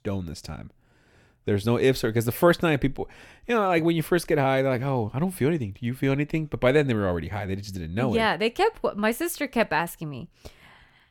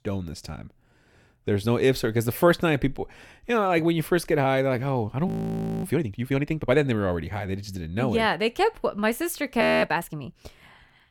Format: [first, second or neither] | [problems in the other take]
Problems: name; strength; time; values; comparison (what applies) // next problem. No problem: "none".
first | audio freezing; at 5.5 s for 0.5 s and at 9.5 s